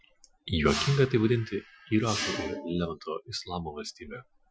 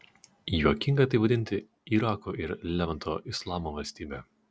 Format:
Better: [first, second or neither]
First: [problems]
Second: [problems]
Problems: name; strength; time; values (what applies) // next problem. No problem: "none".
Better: second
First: noise reduction (classical method Wiener filter)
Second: none